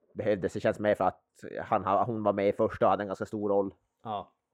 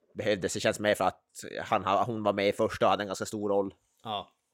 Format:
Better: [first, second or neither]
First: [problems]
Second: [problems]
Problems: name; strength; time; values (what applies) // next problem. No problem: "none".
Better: second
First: muffled; very; fading above 2.5 kHz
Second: none